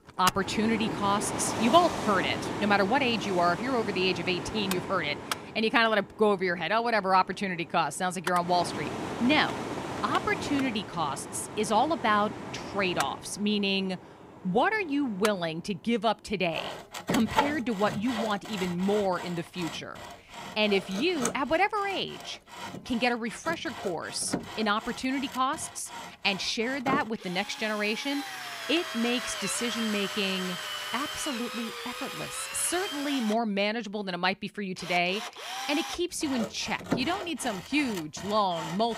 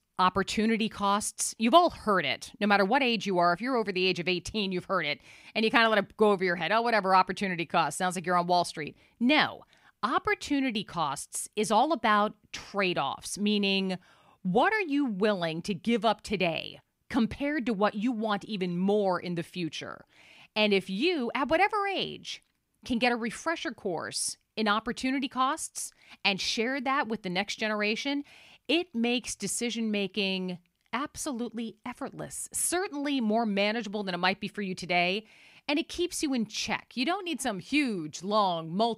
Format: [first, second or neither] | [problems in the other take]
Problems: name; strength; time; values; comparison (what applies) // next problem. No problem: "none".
second | machinery noise; loud; throughout; 7 dB below the speech